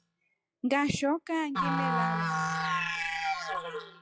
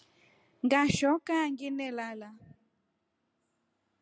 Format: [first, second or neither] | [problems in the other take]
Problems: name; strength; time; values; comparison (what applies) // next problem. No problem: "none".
second | noise reduction (classical method log-MMSE)